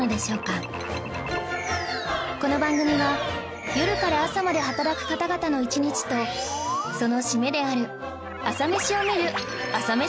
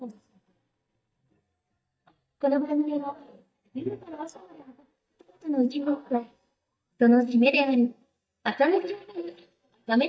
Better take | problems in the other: first | noise reduction (neural mask model DeepFilterNet 3)

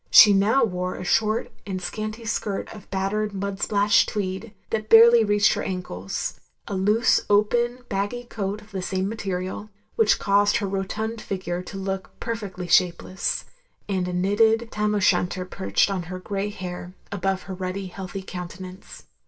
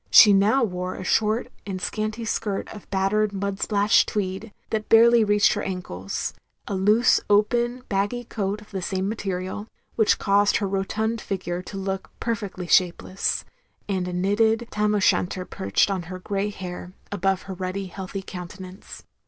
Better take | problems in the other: second | room echo; dies away in 0.2 s

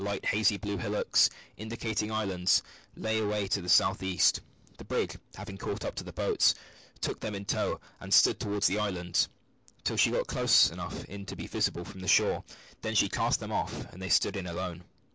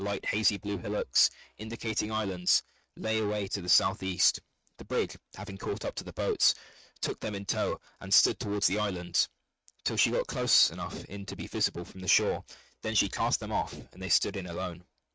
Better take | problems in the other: first | noise reduction (neural mask model RNNoise)

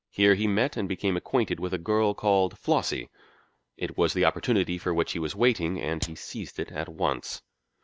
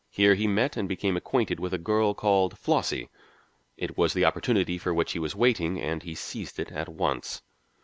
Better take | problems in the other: second | noise reduction (neural mask model DeepFilterNet 3)

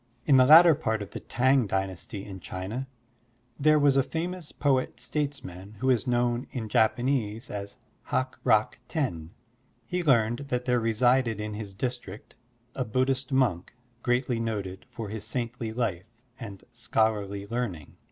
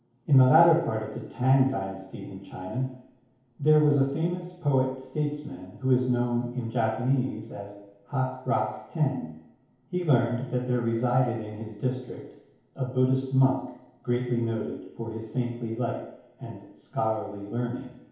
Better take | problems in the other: first | room echo; dies away in 1 s

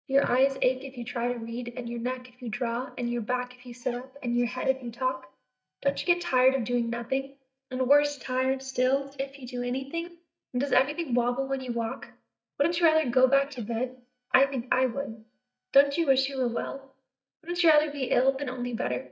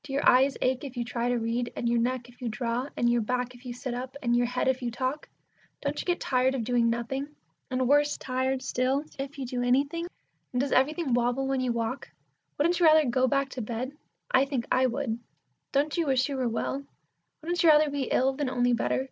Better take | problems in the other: second | noise reduction (neural mask model DeepFilterNet 3)

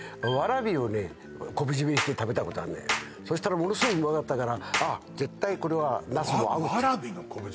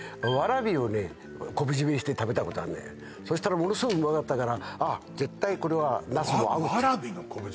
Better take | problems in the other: second | background sound (Clapping); 7 dB below the speech

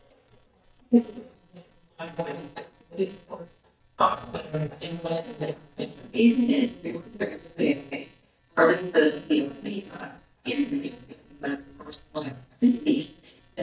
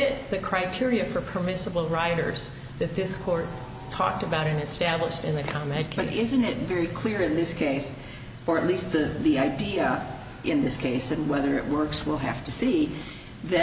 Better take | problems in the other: second | noise reduction (neural mask model DeepFilterNet 3)

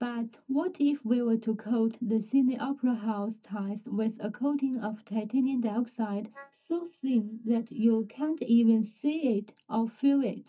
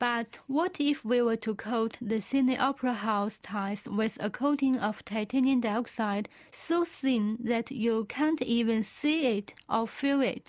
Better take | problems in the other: second | noise reduction (neural mask model DeepFilterNet 3)

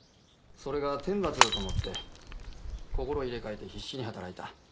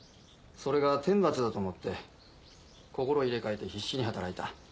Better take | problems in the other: second | background sound (Shatter / Crushing); 3 dB above the speech

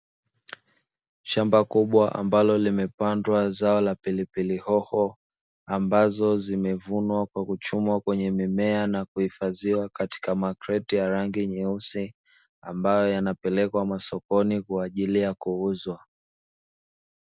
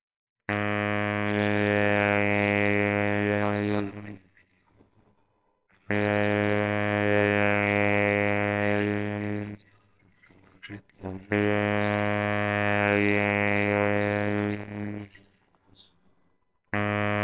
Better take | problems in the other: first | noise reduction (neural separator model SepFormer WHAMR!)

